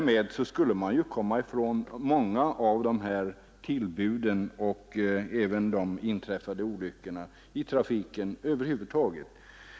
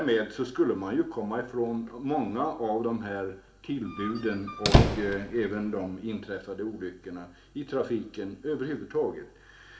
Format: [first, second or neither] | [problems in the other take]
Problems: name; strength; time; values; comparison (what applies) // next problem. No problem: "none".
first | background sound (Squeak); 4 dB above the speech // room echo; dies away in 0.3 s